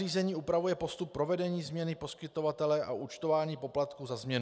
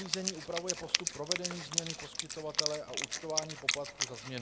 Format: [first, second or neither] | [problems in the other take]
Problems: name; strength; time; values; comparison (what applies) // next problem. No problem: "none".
first | background sound (Wind instrument, woodwind instrument); 4 dB above the speech